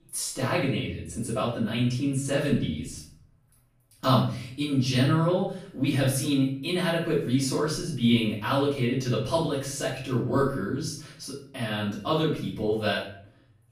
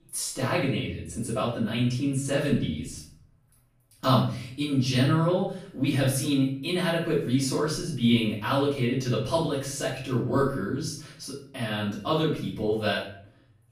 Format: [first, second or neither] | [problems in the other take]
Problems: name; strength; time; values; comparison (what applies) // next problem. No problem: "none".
neither | room echo; noticeable; dies away in 0.5 s; the same in both // off-mic speech; far; the same in both